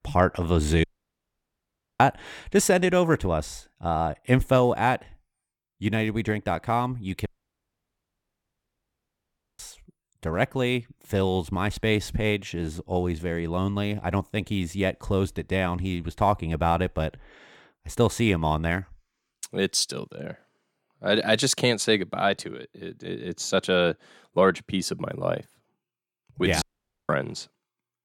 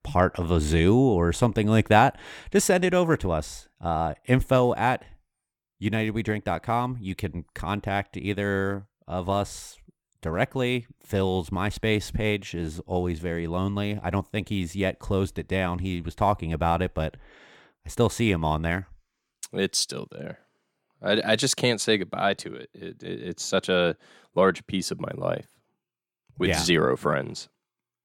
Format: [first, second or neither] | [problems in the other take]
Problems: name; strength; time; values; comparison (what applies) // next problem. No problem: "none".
second | audio cutting out; at 1 s for 1 s, at 7.5 s for 2.5 s and at 27 s